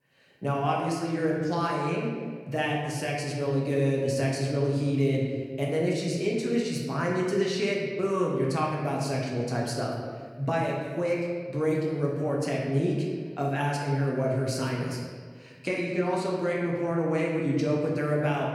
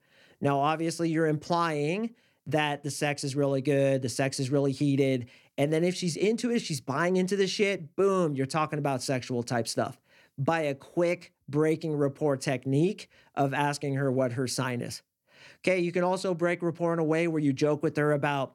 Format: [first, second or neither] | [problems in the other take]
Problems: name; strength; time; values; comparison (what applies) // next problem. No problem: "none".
second | room echo; noticeable; dies away in 1.4 s // off-mic speech; far